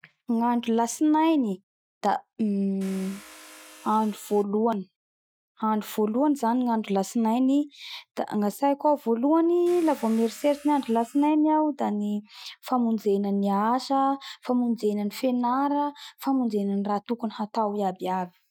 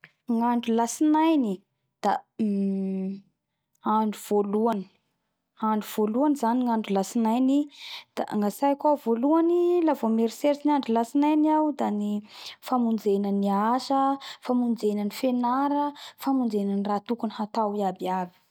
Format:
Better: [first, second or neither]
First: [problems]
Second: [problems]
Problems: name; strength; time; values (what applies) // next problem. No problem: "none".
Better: second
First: noise reduction (classical method Wiener filter)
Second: none